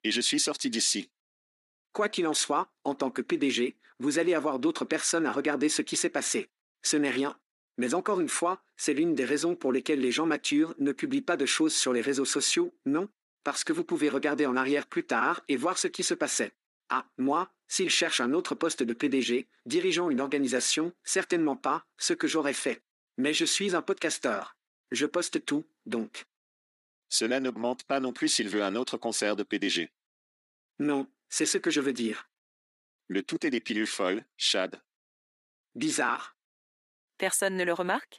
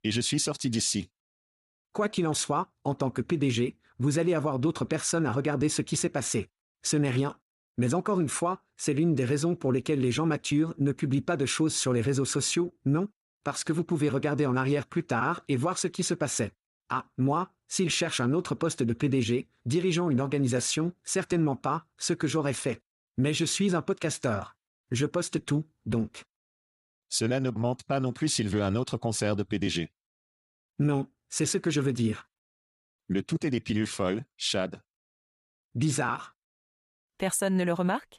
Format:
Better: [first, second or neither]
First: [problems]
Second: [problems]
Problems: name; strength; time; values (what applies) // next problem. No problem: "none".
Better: second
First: thin; very slightly; fading below 250 Hz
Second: none